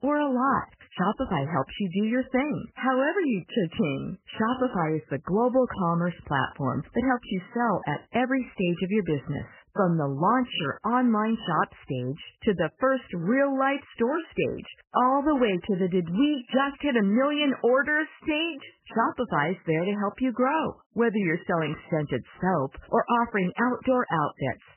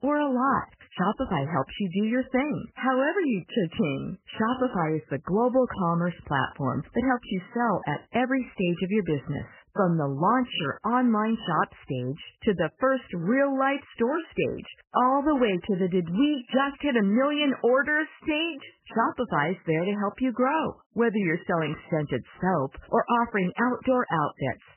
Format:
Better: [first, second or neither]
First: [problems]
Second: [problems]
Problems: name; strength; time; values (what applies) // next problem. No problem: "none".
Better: neither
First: garbled, watery; badly; nothing above 3 kHz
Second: garbled, watery; badly; nothing above 3 kHz